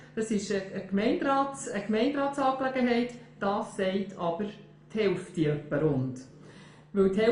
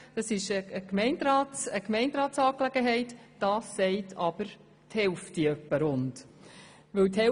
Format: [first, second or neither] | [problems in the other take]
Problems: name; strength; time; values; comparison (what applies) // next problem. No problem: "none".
second | room echo; dies away in 0.4 s